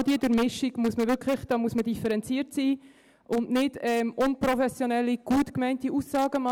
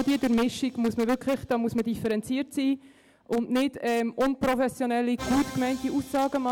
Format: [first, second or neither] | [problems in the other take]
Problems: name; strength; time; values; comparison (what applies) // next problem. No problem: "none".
first | background sound (Musical instrument); 19 dB below the speech